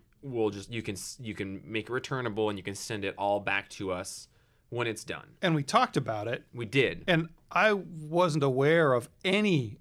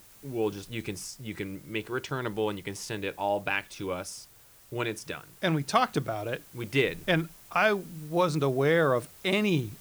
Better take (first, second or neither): first